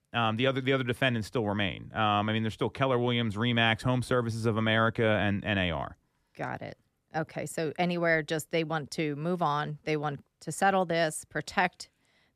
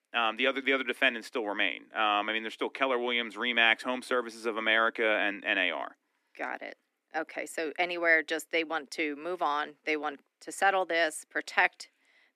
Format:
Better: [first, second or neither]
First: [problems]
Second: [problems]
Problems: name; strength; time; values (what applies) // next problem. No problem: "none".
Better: first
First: none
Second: thin; somewhat; fading below 250 Hz